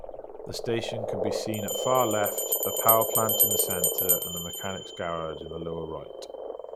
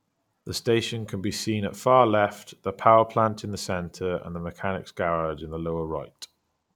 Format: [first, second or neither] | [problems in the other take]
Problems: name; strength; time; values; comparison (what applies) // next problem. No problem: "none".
second | background sound (Frog + Bell); 2 dB above the speech